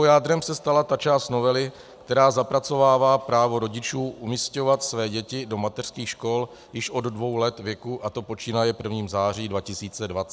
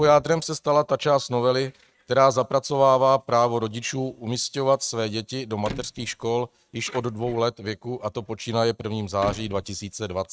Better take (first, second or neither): first